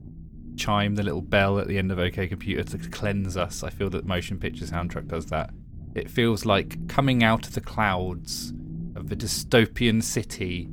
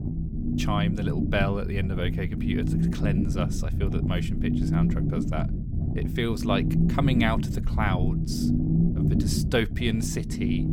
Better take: first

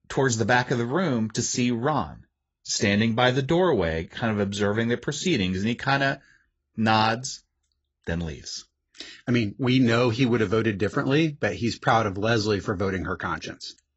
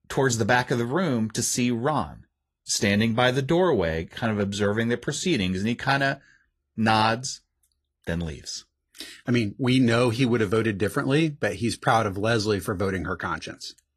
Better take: second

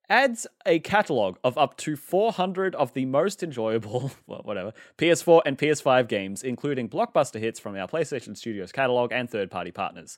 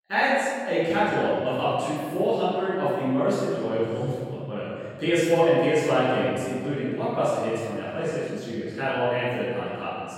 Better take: first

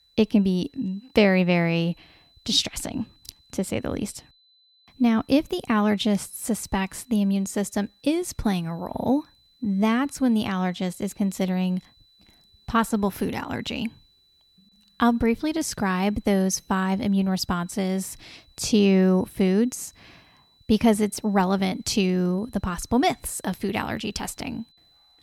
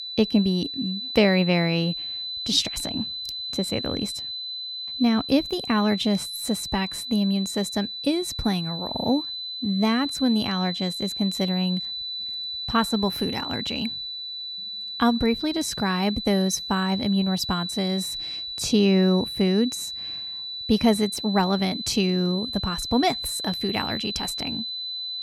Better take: first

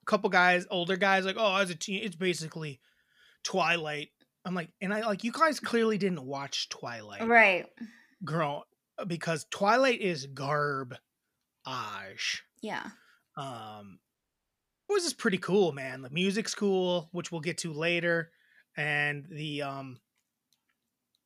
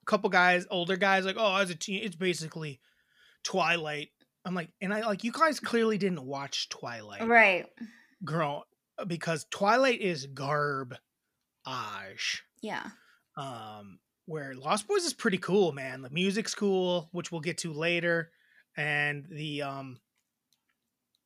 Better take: second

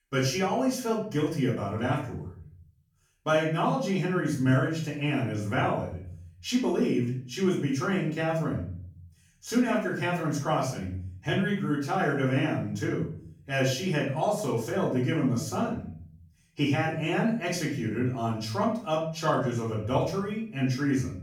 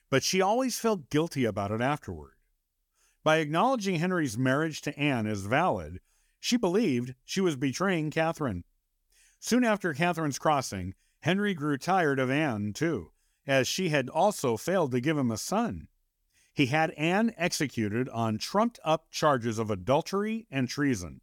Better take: second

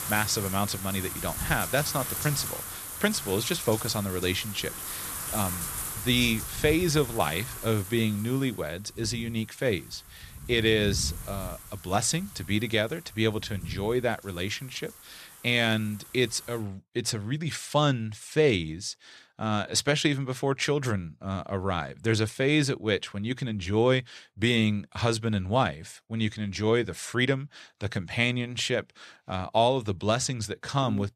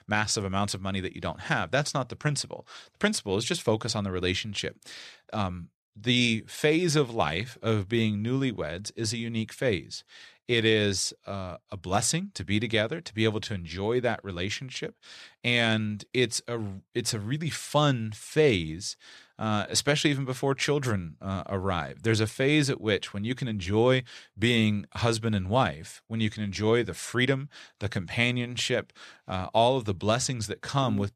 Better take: second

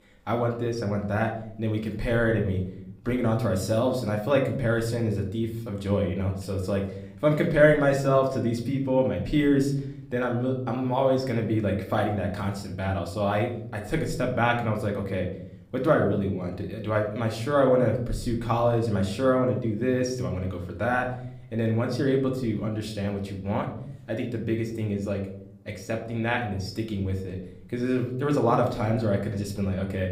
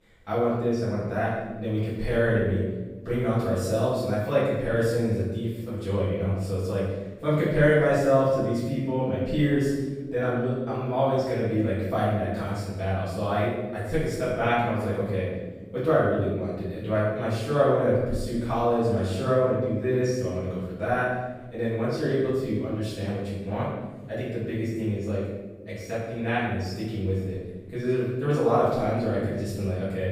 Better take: first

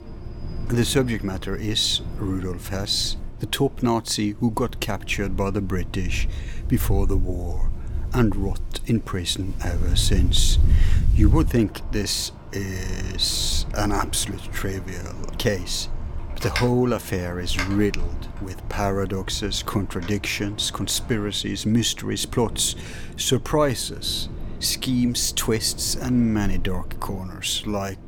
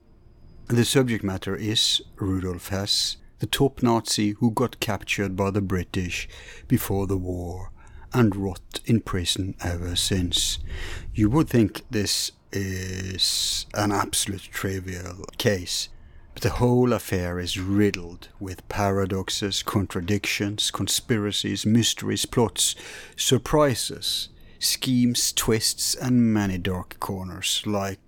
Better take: second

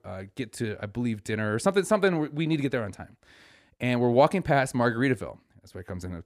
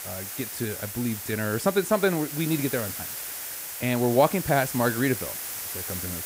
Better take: first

